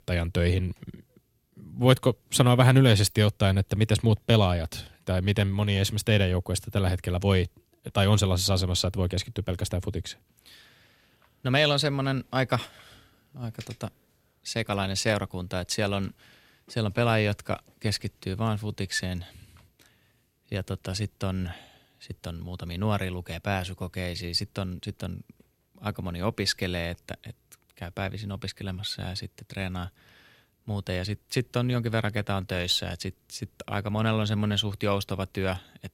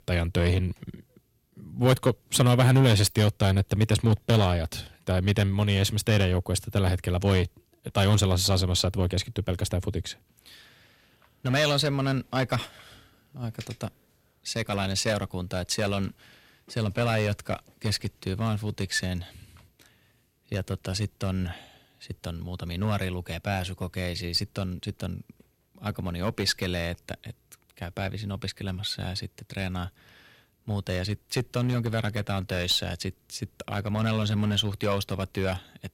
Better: first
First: none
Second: distortion; slight; 3% of the sound clipped

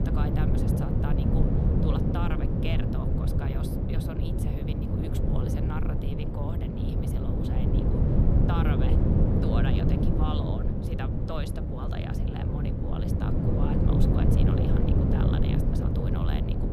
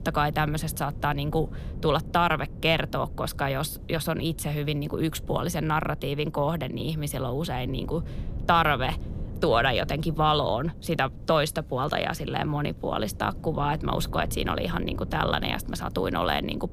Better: second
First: wind noise on the microphone; heavy; 5 dB above the speech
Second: wind noise on the microphone; occasional gusts; 20 dB below the speech

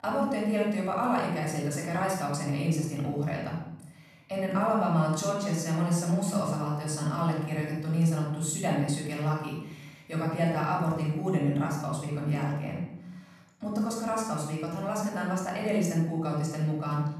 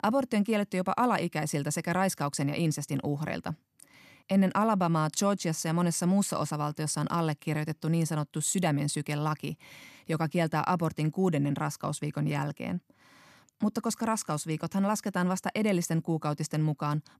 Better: second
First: room echo; noticeable; dies away in 0.7 s // off-mic speech; far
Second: none

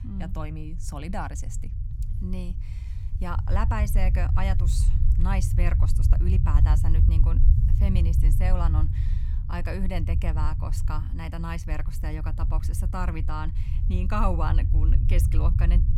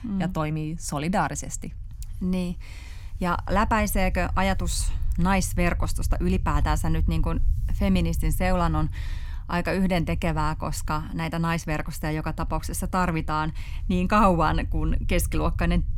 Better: second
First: low rumble; loud; throughout; 7 dB below the speech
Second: low rumble; faint; throughout; 25 dB below the speech

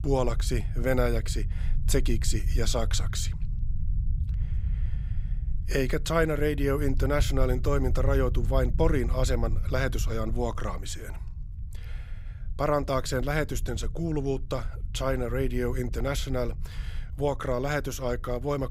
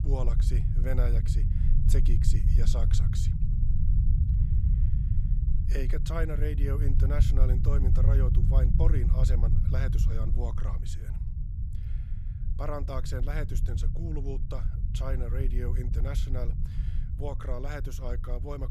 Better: first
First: low rumble; faint; throughout; 20 dB below the speech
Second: low rumble; loud; throughout; 4 dB below the speech

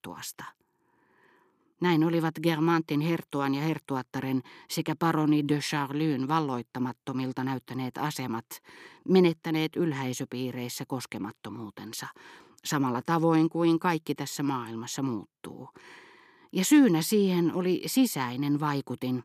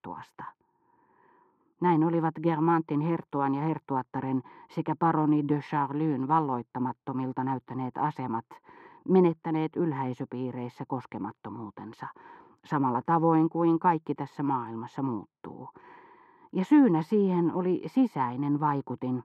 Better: first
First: none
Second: muffled; very; fading above 3.5 kHz

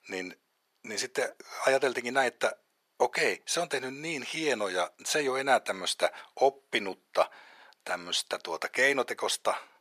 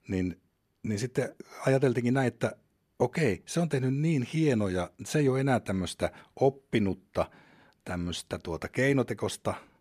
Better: second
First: thin; very; fading below 750 Hz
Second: none

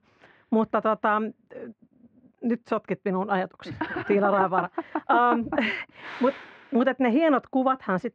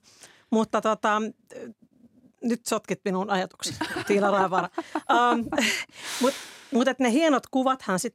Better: second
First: muffled; very; fading above 2.5 kHz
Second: none

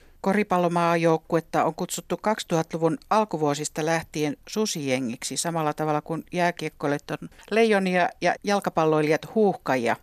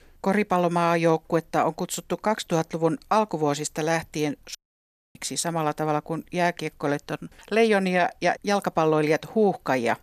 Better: first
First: none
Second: audio cutting out; at 4.5 s for 0.5 s

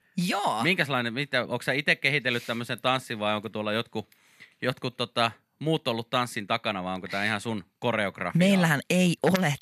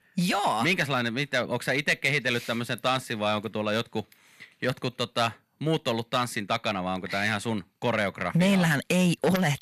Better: first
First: none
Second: distortion; slight; 10 dB below the speech

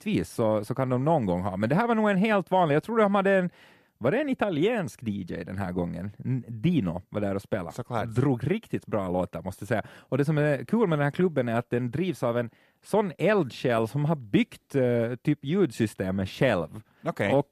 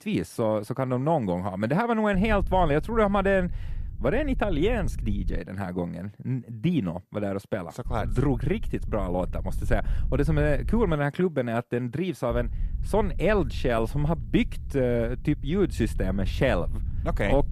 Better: first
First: none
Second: low rumble; faint; from 2 to 5.5 s, from 8 to 11 s and from 12 s on; 25 dB below the speech

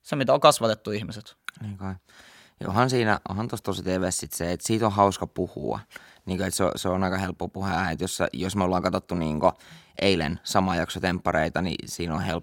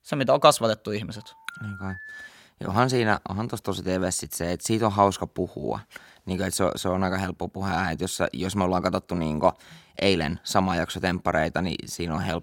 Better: first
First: none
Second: phone ringing; faint; from 1 to 2.5 s; peak 15 dB below the speech

